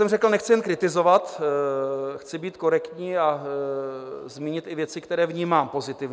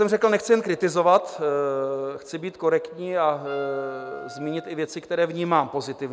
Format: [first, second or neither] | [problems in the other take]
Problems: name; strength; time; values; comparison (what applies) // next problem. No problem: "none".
first | background sound (Wind instrument, woodwind instrument); 16 dB below the speech